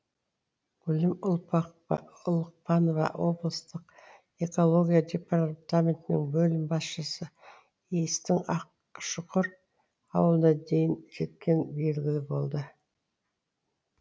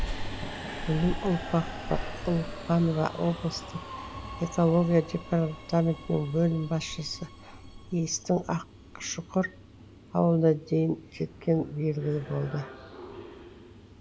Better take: first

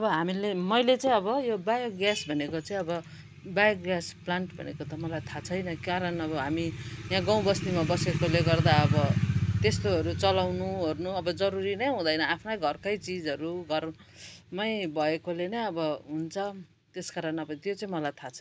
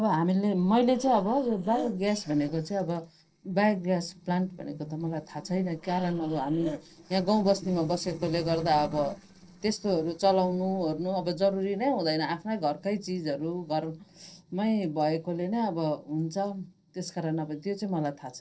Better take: first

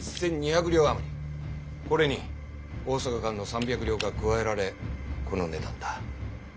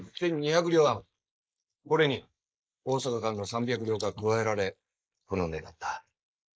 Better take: first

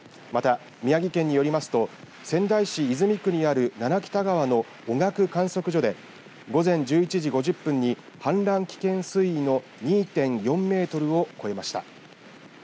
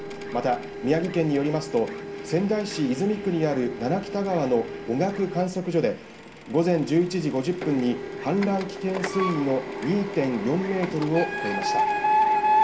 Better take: first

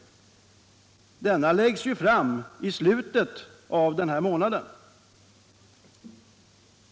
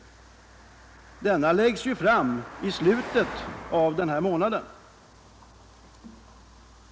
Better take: first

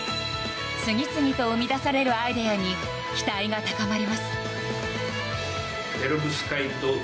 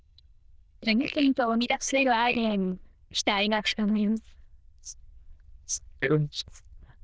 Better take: first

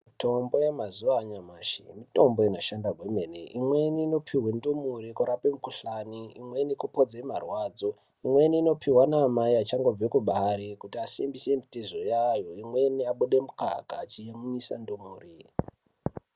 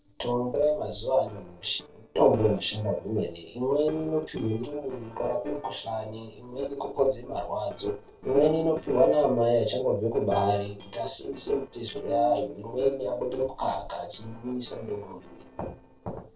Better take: first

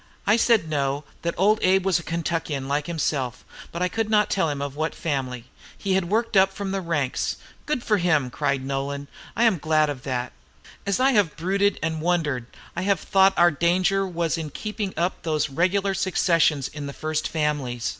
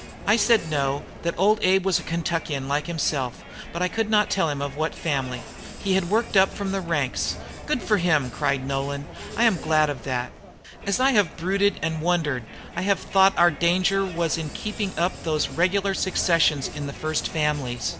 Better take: first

